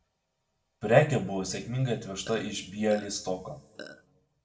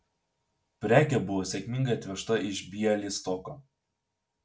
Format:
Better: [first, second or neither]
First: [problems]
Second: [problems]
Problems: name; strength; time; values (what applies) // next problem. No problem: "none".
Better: second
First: background sound (Burping, eructation); 16 dB below the speech // room echo; dies away in 1.1 s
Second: none